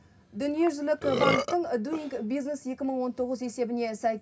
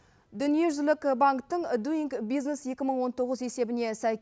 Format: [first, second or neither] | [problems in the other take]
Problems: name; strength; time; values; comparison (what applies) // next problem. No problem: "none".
second | background sound (Burping, eructation); 5 dB below the speech // room echo; dies away in 0.4 s